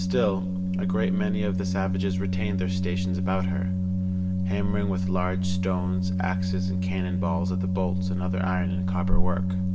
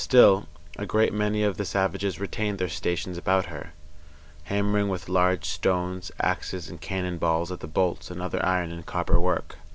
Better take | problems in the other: second | background sound (Organ); 3 dB above the speech // room echo; dies away in 1.7 s

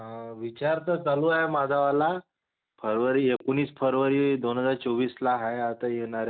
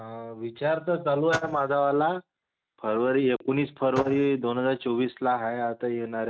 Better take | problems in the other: first | noise reduction (neural mask model RNNoise)

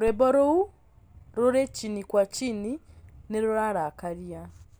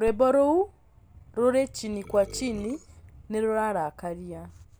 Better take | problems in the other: first | background sound (Burping, eructation); 18 dB below the speech

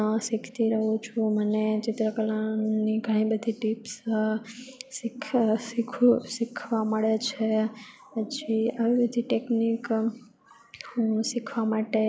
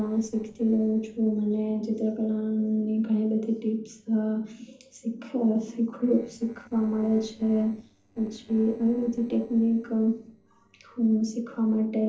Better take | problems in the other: first | noise reduction (neural separator model SepFormer DNS4)

